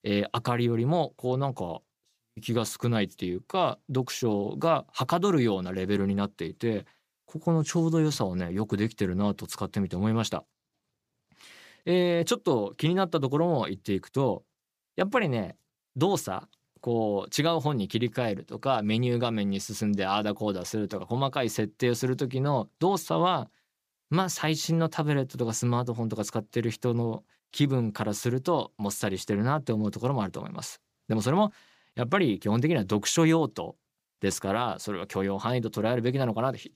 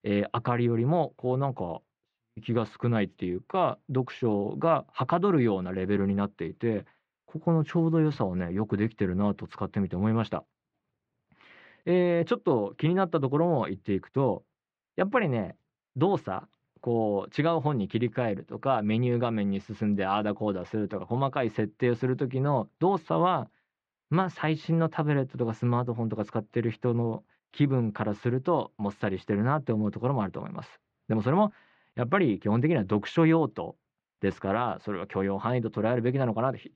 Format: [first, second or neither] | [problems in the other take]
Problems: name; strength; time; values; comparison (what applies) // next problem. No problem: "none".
first | muffled; very; fading above 2.5 kHz